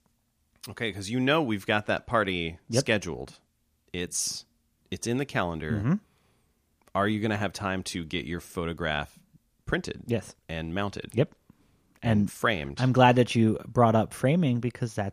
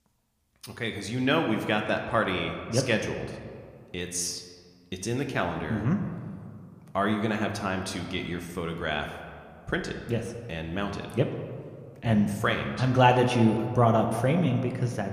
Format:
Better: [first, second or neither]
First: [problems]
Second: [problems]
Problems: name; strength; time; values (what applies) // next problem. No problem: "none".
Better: first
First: none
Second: room echo; slight; dies away in 1.5 s